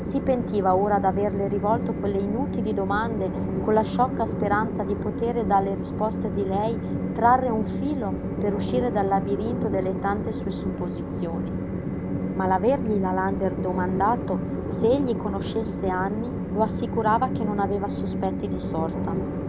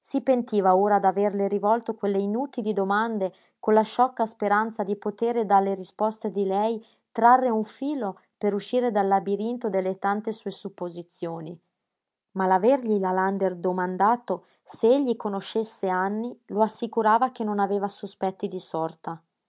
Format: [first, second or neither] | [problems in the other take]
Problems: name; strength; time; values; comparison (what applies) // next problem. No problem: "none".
second | background sound (Train); 2 dB below the speech